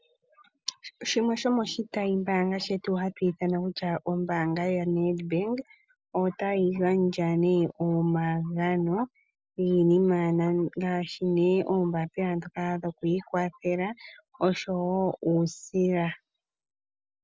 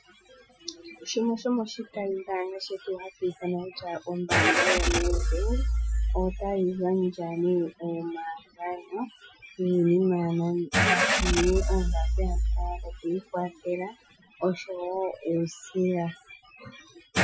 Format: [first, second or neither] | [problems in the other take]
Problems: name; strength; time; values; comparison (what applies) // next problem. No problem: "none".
first | noise reduction (classical method Wiener filter)